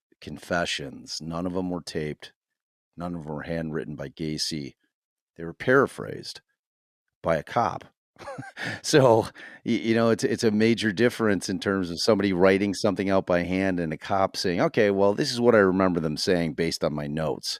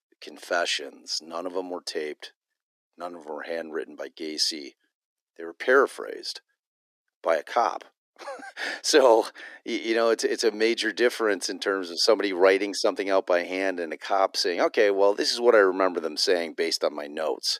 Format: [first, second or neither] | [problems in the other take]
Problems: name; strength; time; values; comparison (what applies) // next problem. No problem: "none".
first | thin; somewhat; fading below 300 Hz